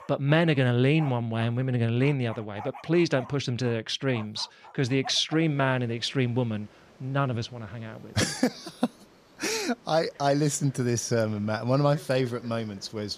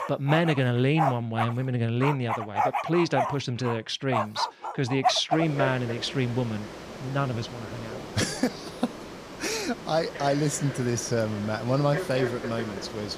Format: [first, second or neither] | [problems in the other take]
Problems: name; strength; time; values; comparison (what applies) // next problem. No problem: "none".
first | animal sounds; loud; throughout; 6 dB below the speech; faint in the first